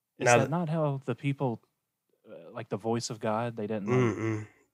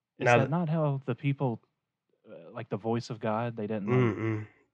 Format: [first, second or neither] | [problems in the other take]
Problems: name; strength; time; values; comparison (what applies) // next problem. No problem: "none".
first | muffled; slightly; fading above 3 kHz